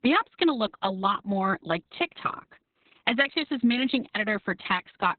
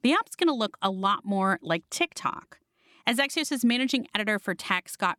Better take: second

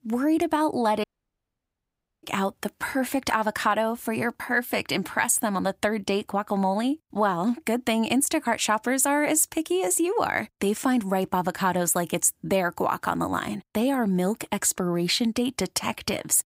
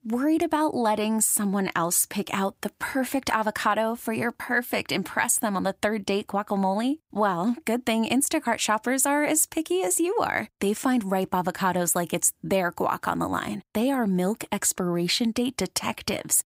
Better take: second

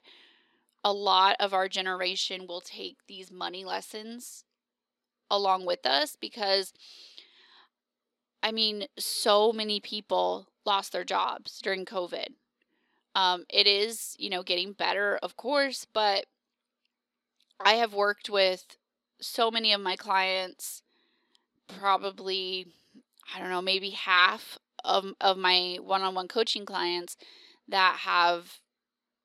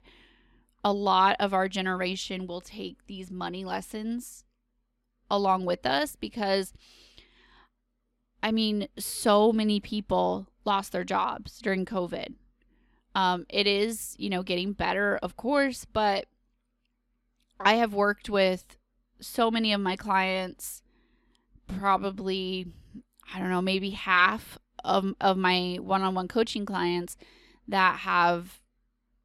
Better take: second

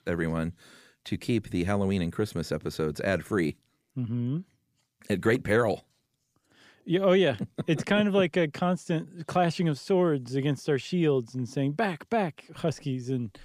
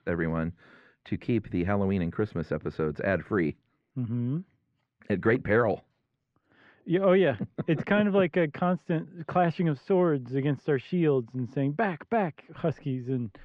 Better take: first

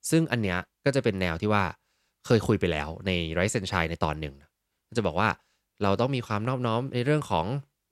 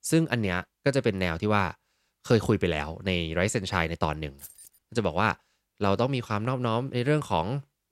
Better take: first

